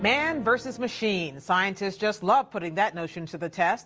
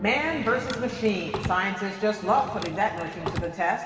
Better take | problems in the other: first | background sound (Drawer open or close); 11 dB below the speech // room echo; dies away in 2.4 s

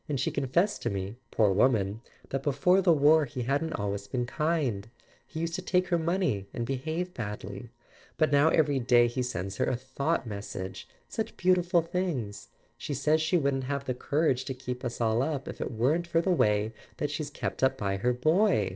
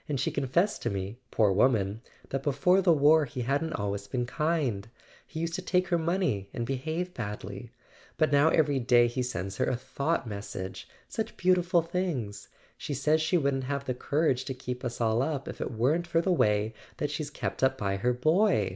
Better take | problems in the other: second | noise reduction (neural separator model SepFormer DNS4)

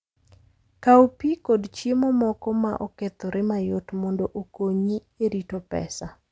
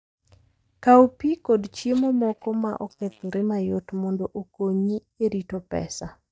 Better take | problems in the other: first | noise reduction (neural mask model DeepFilterNet 3)

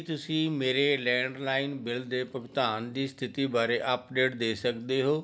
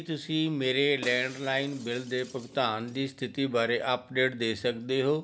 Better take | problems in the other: first | background sound (Shatter); 19 dB below the speech

